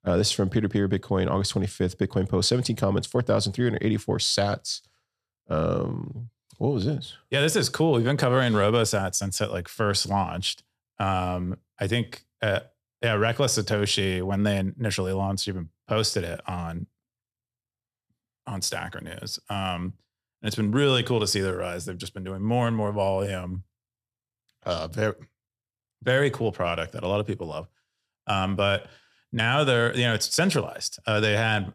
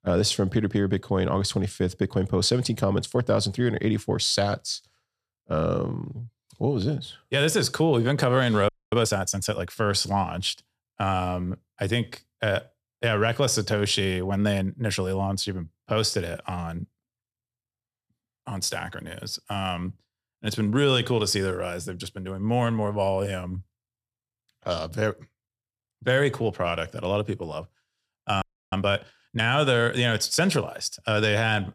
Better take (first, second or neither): first